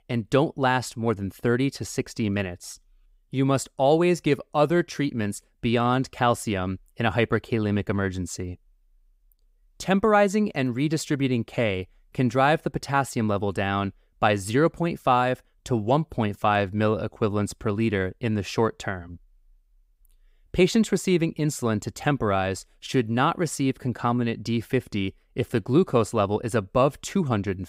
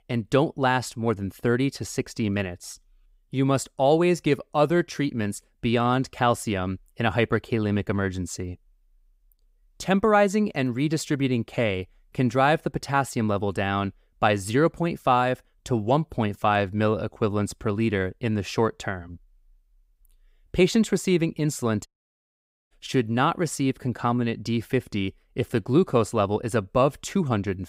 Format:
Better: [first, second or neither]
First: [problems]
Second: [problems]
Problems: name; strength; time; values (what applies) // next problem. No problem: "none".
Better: first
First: none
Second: audio cutting out; at 22 s for 1 s